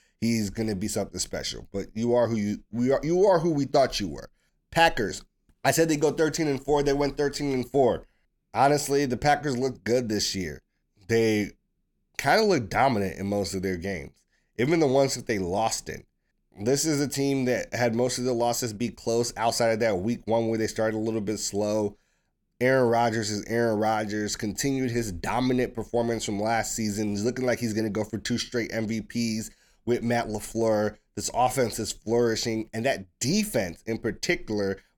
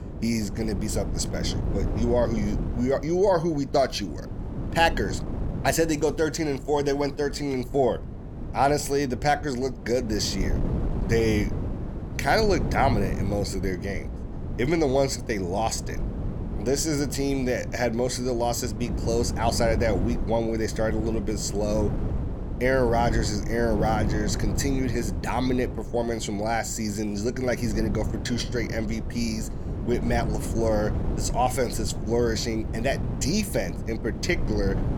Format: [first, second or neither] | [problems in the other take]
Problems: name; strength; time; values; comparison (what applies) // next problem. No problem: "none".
first | wind noise on the microphone; occasional gusts; 10 dB below the speech